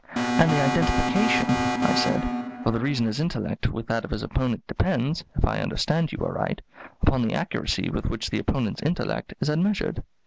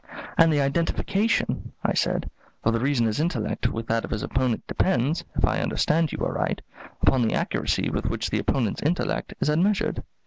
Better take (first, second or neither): second